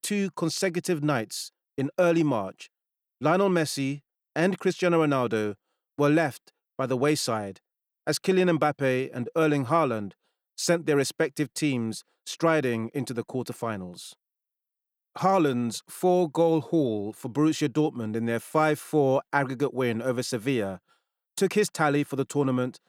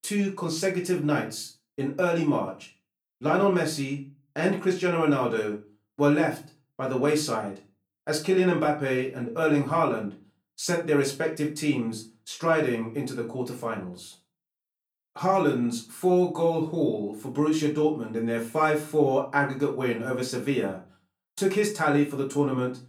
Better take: first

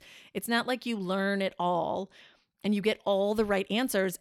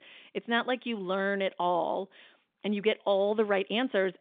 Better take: first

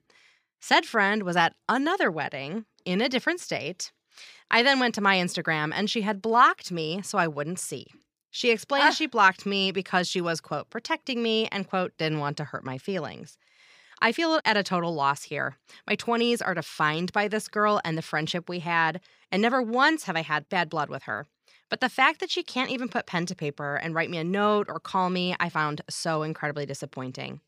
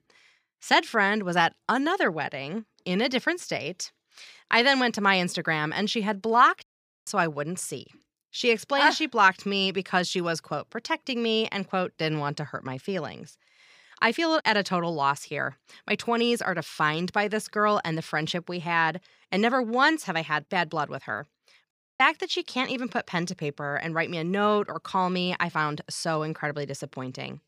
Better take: first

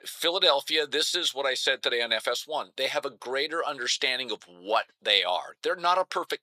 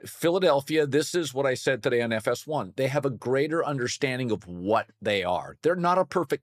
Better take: second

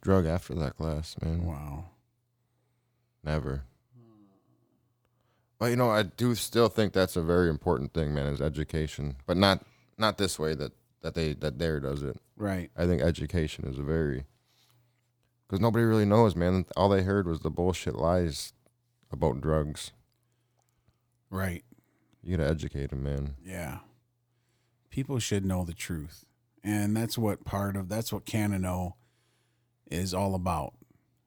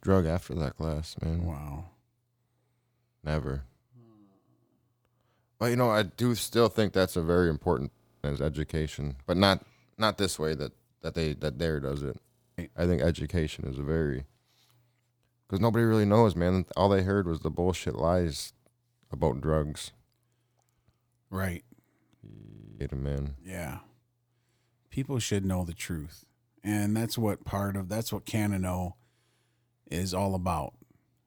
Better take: first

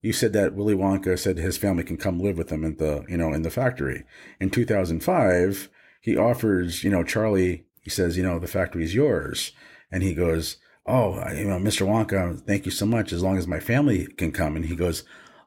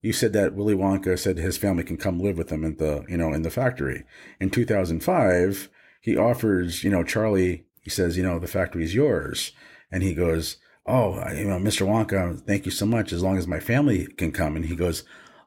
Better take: neither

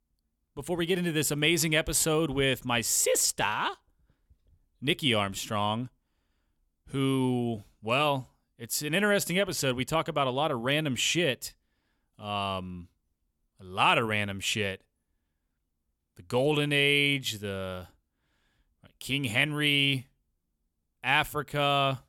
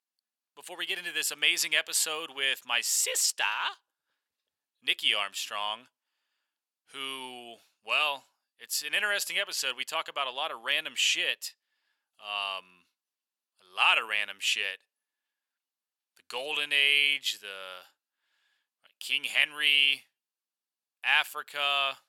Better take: first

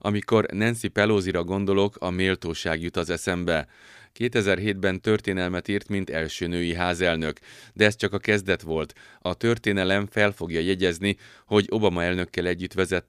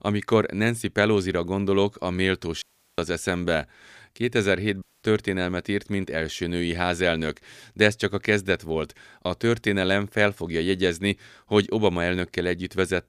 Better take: first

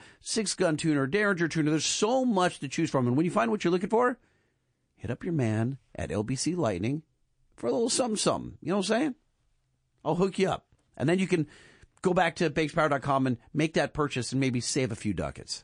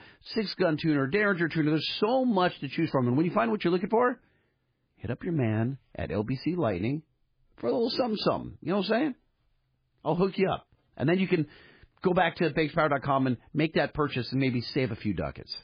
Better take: first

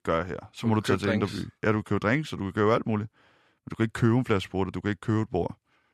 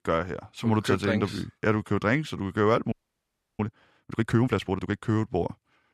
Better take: first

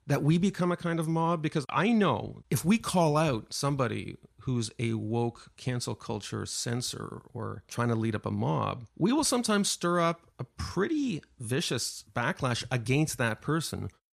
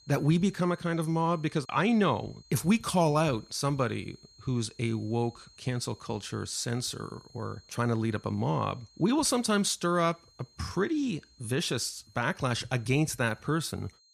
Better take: first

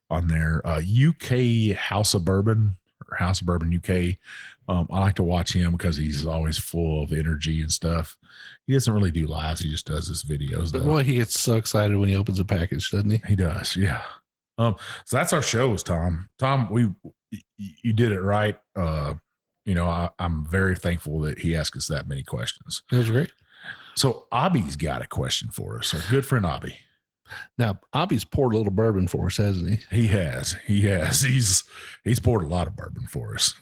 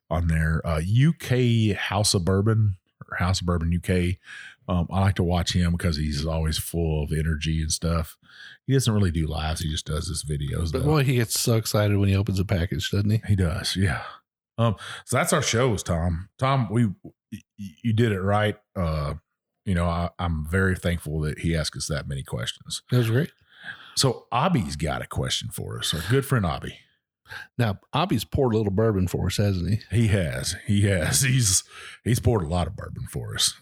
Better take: second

